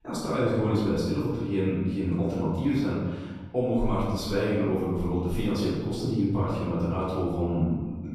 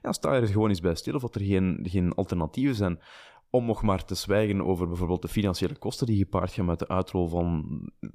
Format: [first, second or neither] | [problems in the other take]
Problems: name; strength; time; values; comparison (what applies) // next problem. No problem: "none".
second | off-mic speech; far // room echo; strong; dies away in 1.2 s